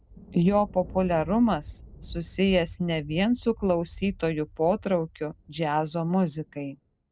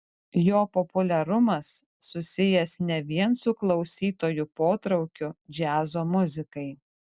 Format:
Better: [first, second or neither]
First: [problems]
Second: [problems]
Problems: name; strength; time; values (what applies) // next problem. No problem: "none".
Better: second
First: background sound (Thunder); 18 dB below the speech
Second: none